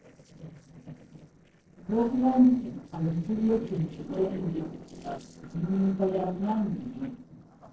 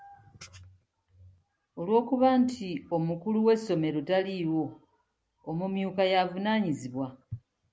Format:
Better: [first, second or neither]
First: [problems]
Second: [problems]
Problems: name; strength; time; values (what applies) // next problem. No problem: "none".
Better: second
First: noise reduction (neural separator model SepFormer DNS4)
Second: none